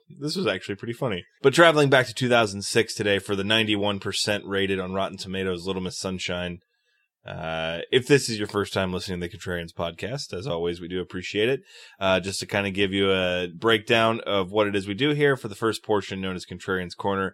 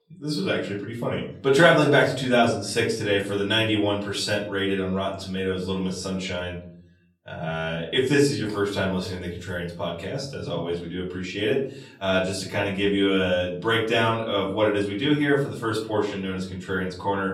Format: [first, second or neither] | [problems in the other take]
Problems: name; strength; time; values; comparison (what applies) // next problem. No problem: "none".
first | off-mic speech; far // room echo; slight; dies away in 0.5 s